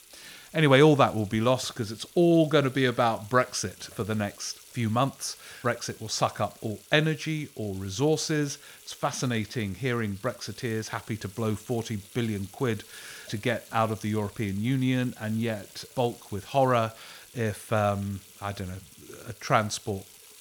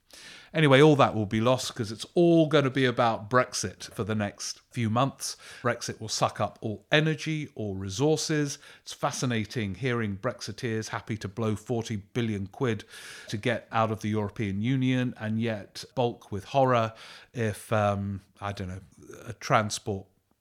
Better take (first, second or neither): second